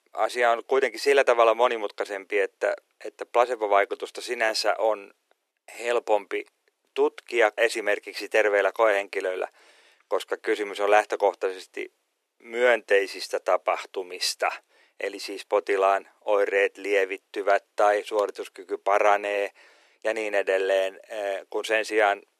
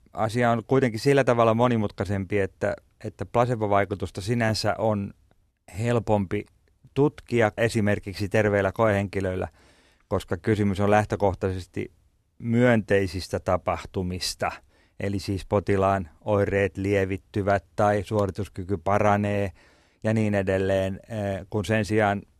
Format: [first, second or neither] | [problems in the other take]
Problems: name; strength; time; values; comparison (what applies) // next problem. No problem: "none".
second | thin; very; fading below 350 Hz